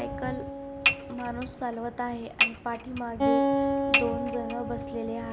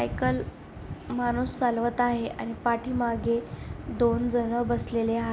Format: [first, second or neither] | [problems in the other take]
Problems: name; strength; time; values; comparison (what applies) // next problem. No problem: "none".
second | background sound (Dishes, pots, and pans / Chink, clink + Acoustic guitar); 5 dB above the speech